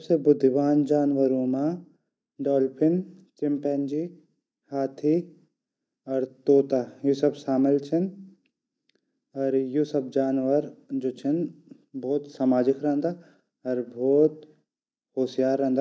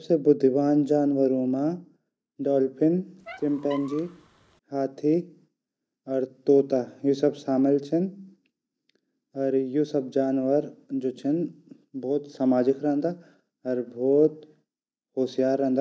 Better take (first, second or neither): first